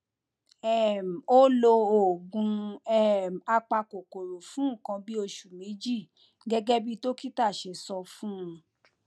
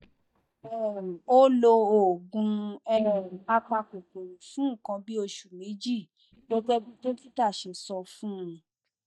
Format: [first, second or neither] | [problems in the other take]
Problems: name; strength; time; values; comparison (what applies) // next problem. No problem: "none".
first | noise reduction (neural mask model DeepFilterNet 3)